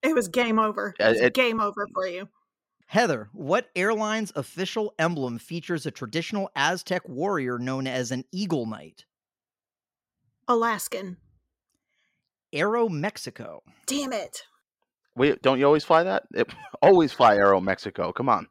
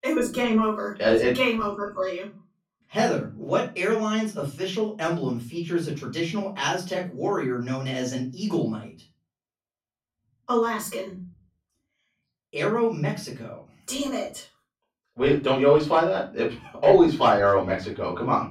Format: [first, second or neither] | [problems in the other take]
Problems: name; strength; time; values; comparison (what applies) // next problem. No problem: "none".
first | off-mic speech; far // room echo; slight; dies away in 0.3 s